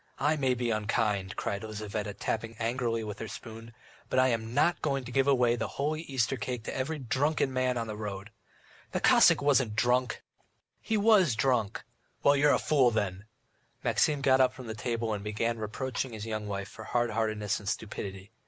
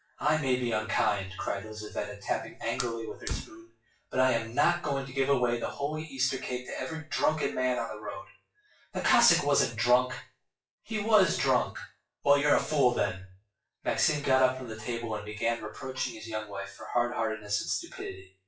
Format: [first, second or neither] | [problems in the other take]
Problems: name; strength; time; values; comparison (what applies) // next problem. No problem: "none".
first | noise reduction (classical method WPE with log-MMSE)